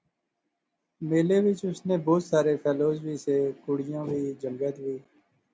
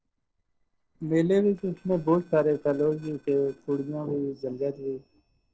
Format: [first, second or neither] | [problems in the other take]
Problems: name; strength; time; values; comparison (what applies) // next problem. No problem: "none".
first | noise reduction (neural separator model SepFormer DNS4)